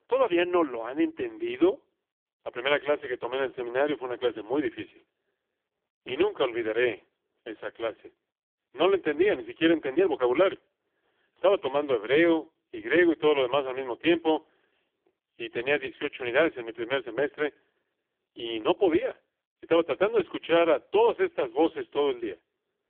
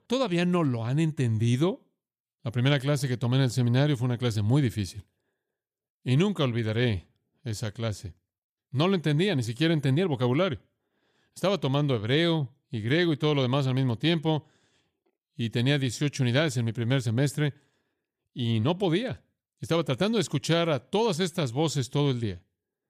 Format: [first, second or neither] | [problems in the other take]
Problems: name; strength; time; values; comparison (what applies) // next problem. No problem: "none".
second | phone-call audio; poor line; nothing above 3.5 kHz